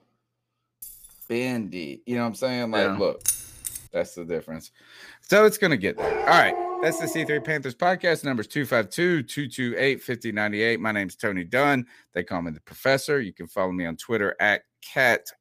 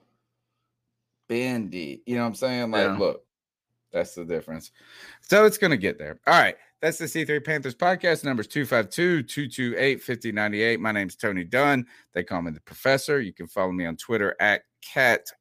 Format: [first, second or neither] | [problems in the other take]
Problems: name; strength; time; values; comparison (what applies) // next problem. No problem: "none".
second | jangling keys; faint; at 1 s; peak 15 dB below the speech // jangling keys; noticeable; at 3.5 s; peak 1 dB below the speech // dog barking; noticeable; from 6 to 7.5 s; peak 2 dB below the speech